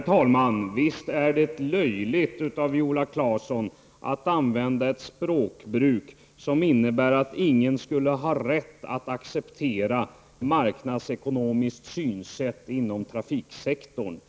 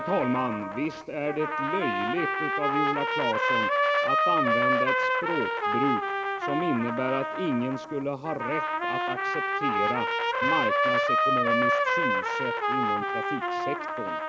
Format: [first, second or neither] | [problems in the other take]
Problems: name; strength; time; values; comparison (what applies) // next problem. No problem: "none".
first | background sound (Trumpet); 5 dB above the speech